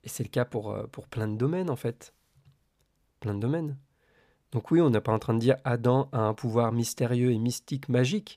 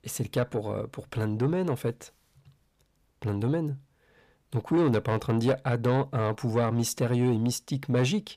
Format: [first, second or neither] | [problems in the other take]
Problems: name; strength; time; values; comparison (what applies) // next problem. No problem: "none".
first | distortion; slight; 10 dB below the speech